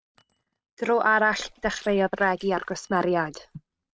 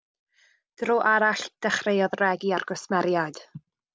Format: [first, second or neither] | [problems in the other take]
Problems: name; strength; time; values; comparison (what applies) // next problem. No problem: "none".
second | noise reduction (neural mask model RNNoise)